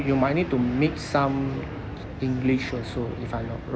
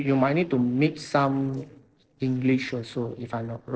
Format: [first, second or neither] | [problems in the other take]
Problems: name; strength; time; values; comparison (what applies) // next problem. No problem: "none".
first | noise reduction (neural separator model SepFormer DNS4)